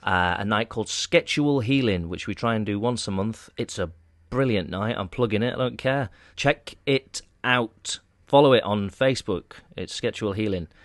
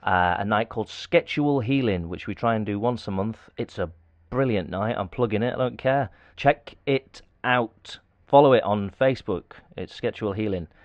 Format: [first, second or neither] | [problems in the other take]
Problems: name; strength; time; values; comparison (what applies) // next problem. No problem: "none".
first | muffled; slightly; fading above 2.5 kHz